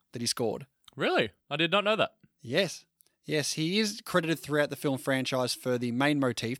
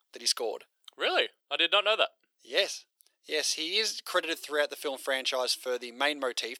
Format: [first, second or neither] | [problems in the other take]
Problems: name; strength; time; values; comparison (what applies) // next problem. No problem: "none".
first | thin; very; fading below 400 Hz